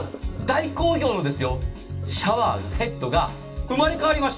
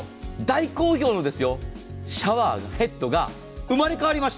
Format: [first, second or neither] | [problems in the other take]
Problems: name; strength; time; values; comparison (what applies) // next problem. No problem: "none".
second | background sound (Sink (filling or washing)); 19 dB below the speech // room echo; dies away in 0.2 s